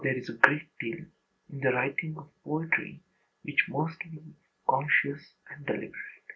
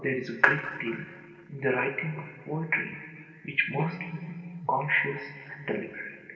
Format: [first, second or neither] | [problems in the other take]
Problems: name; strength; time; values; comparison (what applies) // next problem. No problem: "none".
first | background sound (Telephone); 11 dB below the speech // room echo; dies away in 2.1 s